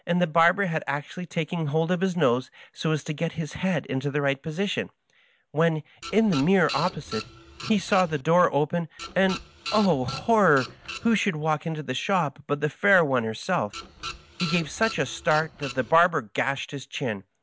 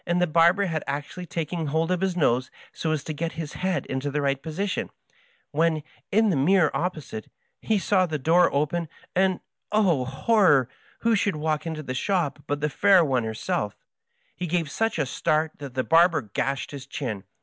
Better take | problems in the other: second | background sound (Printer); 13 dB below the speech

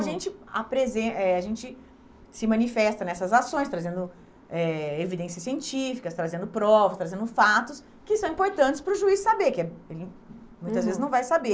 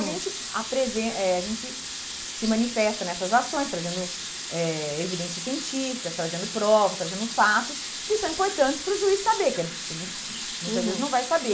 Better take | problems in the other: first | background sound (Sink (filling or washing) / Water tap, faucet); 8 dB below the speech

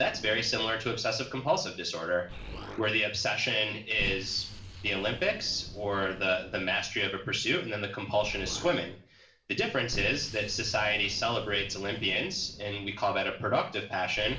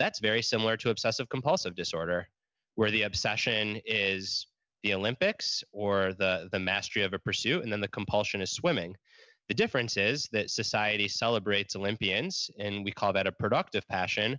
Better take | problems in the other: second | background sound (Explosion); 14 dB below the speech // room echo; dies away in 0.4 s

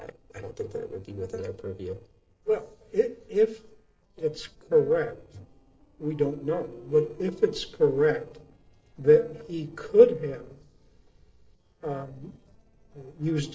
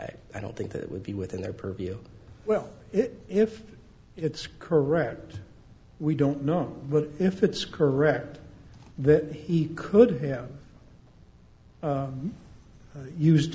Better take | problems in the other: second | noise reduction (neural separator model SepFormer DNS4)

